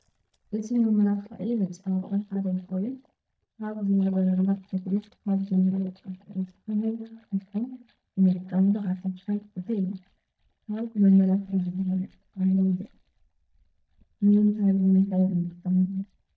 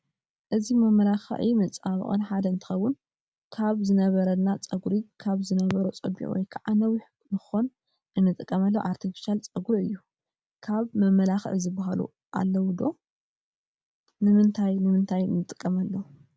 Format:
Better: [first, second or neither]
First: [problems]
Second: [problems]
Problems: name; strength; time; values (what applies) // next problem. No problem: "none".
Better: second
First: noise reduction (neural mask model DeepFilterNet 3)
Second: none